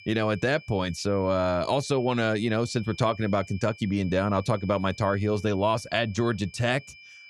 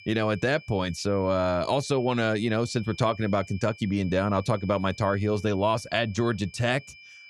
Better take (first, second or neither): neither